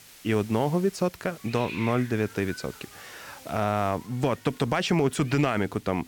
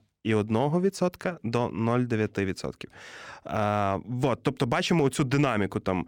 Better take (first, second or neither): second